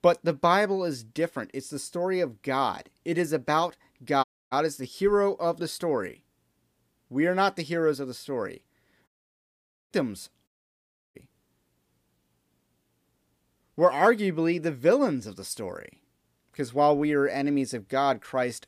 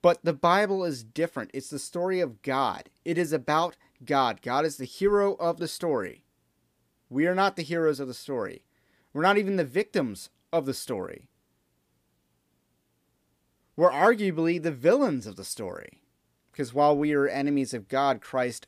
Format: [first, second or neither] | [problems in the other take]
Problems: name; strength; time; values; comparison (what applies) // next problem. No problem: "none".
second | audio cutting out; at 4 s, at 9 s for 1 s and at 10 s for 0.5 s